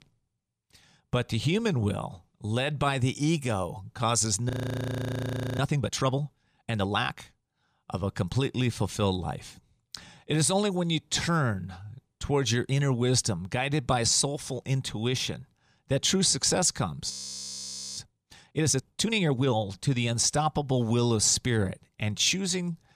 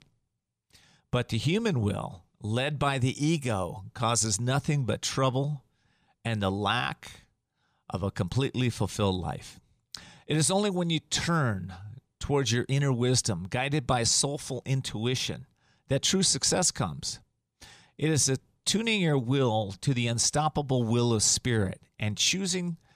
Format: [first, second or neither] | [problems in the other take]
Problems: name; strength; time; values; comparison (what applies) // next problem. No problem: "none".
second | audio freezing; at 4.5 s for 1 s and at 17 s for 1 s